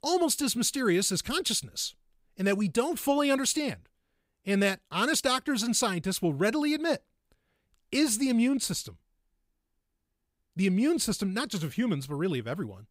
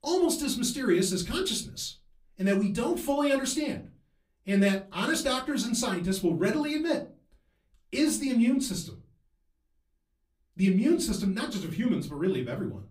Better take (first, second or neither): first